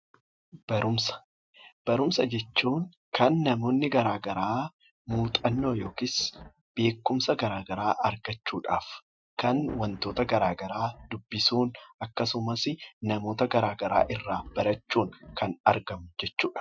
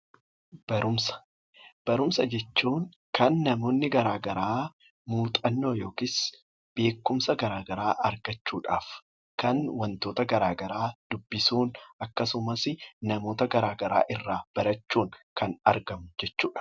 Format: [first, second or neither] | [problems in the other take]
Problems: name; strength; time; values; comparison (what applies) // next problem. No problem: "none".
second | noise reduction (classical method Wiener filter)